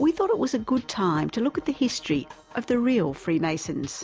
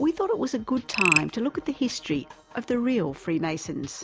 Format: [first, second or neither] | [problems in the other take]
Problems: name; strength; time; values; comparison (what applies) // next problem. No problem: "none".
first | background sound (Frog); 3 dB below the speech